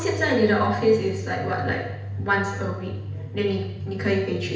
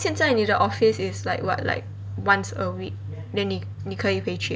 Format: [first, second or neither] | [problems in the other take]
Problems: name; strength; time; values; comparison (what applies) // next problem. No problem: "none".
second | room echo; dies away in 0.8 s